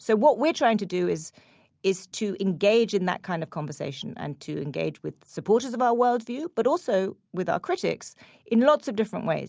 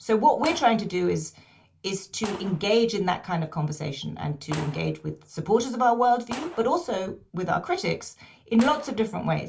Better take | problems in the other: first | background sound (Gunshot, gunfire); 18 dB below the speech // room echo; dies away in 0.2 s

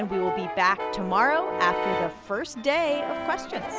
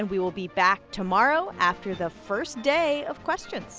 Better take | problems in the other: second | background sound (Brass instrument); 5 dB below the speech

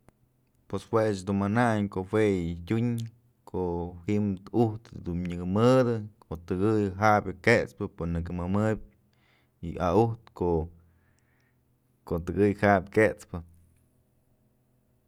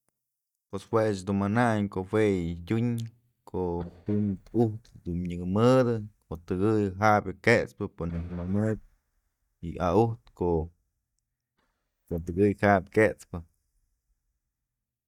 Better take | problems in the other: first | noise reduction (neural mask model DeepFilterNet 3)

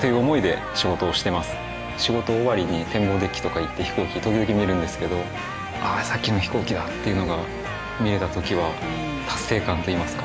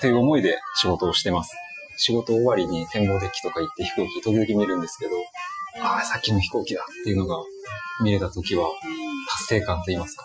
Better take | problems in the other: first | noise reduction (classical method Wiener filter)

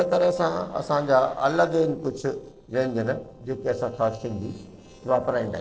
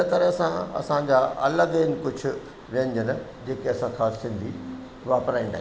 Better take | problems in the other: second | noise reduction (neural separator model SepFormer DNS4)

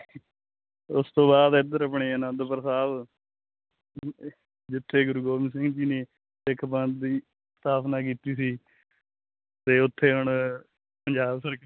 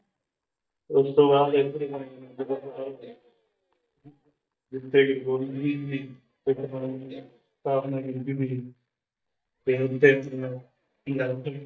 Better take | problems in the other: first | noise reduction (neural mask model DeepFilterNet 3)

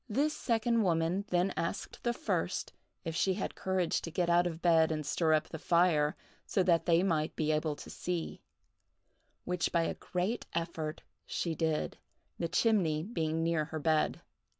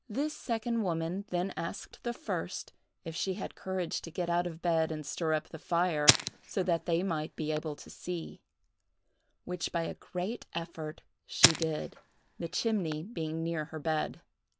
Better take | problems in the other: first | background sound (Fire); 2 dB above the speech

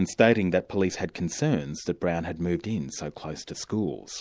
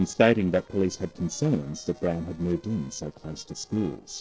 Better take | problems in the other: first | noise reduction (neural separator model SepFormer DNS4)

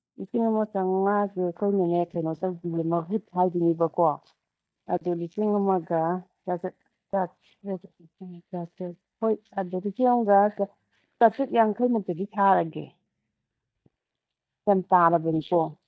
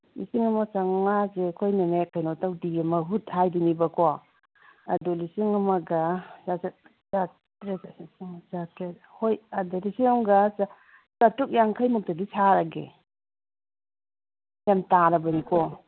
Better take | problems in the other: second | noise reduction (neural mask model DeepFilterNet 3)

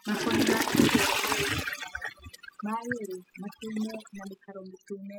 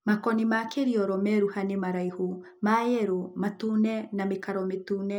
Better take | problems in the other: second | noise reduction (classical method spectral subtraction)

